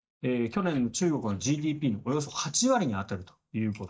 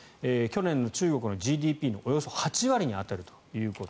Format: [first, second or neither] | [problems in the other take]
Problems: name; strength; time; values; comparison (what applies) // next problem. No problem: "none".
second | noise reduction (neural mask model DeepFilterNet 3)